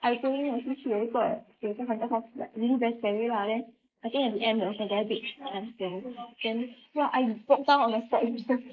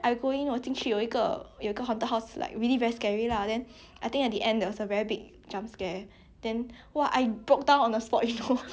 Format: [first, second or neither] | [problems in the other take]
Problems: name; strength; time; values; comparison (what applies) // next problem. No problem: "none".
second | noise reduction (neural mask model Resemble Enhance denoiser)